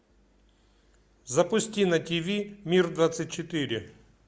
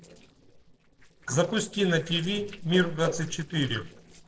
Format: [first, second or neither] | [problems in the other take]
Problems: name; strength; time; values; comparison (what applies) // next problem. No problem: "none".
first | noise reduction (neural separator model SepFormer DNS4)